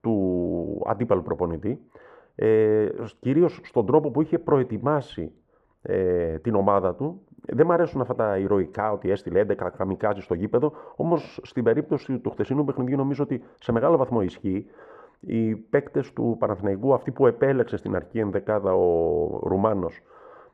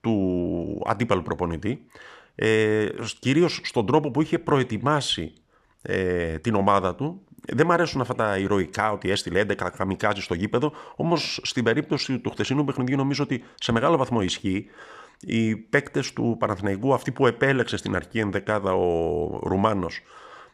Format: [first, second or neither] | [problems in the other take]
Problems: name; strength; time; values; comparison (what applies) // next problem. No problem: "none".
second | muffled; very; fading above 2 kHz